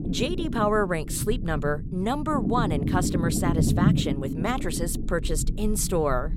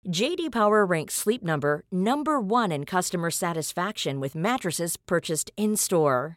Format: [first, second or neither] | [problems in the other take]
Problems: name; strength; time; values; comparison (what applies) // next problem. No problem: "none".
second | low rumble; loud; throughout; 8 dB below the speech